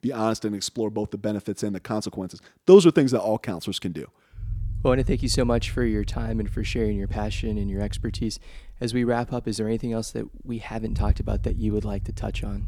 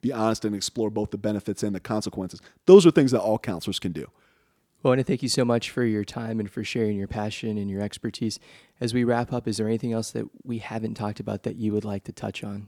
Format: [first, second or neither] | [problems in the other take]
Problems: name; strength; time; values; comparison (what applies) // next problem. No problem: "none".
second | low rumble; faint; from 4.5 s on; 20 dB below the speech